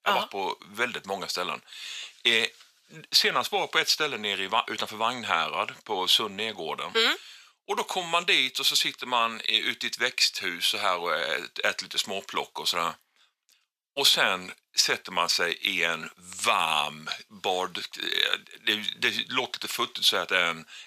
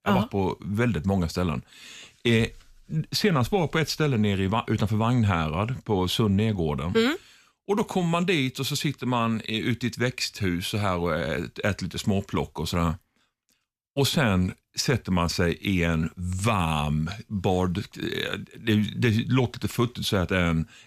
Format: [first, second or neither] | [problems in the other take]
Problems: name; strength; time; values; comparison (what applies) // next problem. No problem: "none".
second | thin; very; fading below 700 Hz